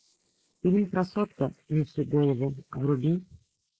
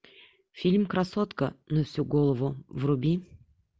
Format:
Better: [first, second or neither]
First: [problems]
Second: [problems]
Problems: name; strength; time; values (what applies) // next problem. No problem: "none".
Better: second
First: noise reduction (neural mask model Resemble Enhance denoiser)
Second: none